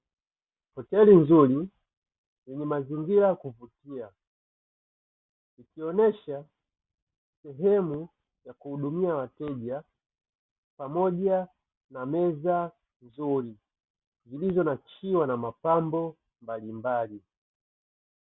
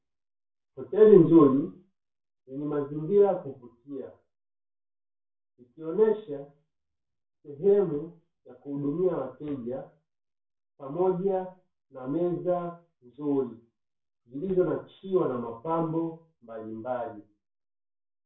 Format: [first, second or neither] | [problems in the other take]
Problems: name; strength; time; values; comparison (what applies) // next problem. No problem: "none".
first | room echo; dies away in 0.3 s